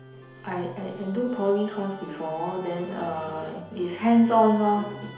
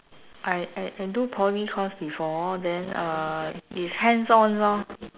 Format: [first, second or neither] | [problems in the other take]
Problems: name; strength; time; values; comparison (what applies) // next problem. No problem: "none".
second | background sound (Musical instrument); 19 dB below the speech // room echo; dies away in 2.2 s